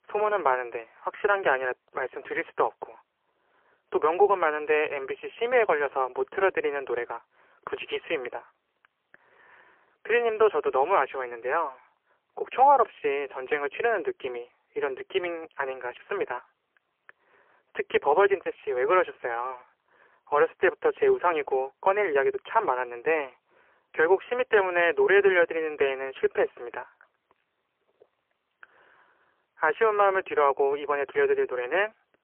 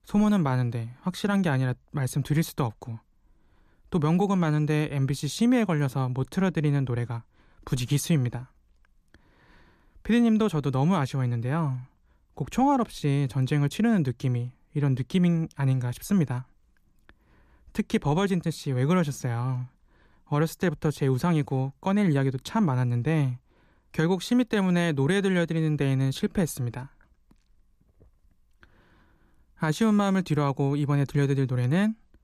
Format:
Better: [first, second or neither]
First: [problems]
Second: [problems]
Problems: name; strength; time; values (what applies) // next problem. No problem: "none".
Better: second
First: phone-call audio; poor line; nothing above 3 kHz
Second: none